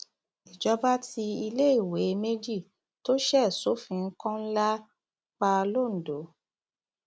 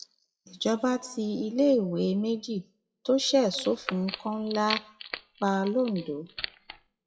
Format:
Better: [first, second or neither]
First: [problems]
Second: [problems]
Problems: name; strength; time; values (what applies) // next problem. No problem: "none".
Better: first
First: none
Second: noise reduction (classical method WPE with log-MMSE)